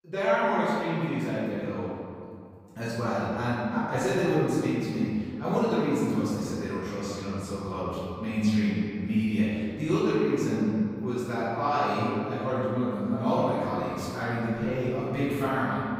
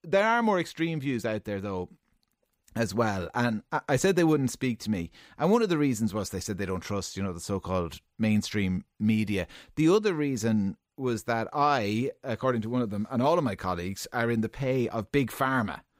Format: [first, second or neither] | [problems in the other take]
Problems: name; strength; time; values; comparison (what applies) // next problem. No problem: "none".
second | off-mic speech; far // room echo; strong; dies away in 2.3 s